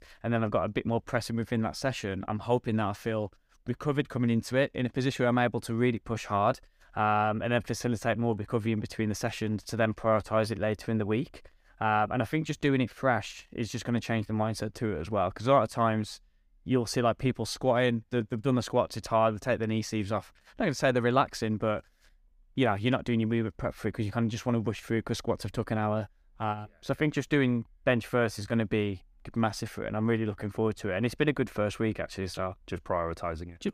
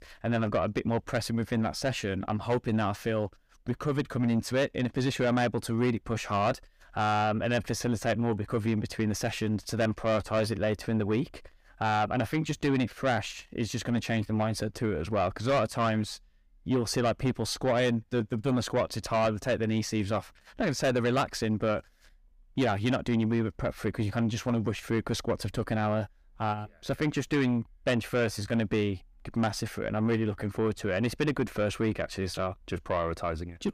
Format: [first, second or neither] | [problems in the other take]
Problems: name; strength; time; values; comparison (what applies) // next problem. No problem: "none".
first | distortion; slight; 10 dB below the speech